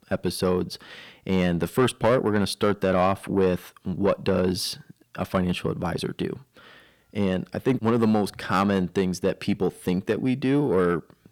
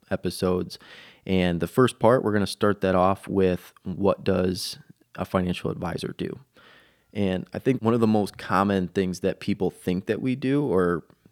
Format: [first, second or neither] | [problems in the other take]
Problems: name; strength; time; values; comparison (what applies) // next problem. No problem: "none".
second | distortion; slight; 10 dB below the speech